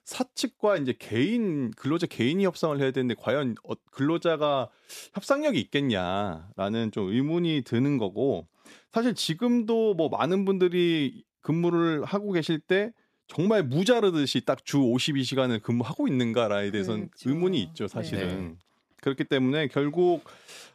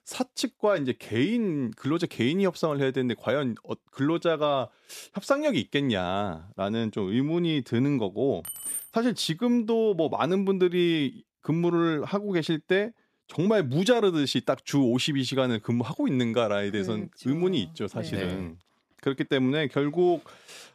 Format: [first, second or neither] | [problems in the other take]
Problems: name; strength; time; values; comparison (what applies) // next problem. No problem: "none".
first | jangling keys; noticeable; at 8.5 s; peak 5 dB below the speech